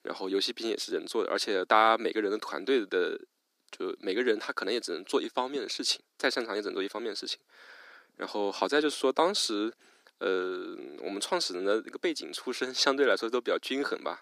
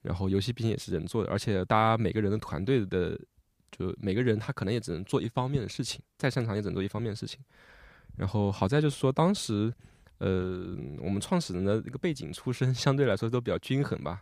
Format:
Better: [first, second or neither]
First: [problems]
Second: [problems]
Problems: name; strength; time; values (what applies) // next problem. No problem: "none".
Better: second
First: thin; somewhat; fading below 300 Hz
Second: none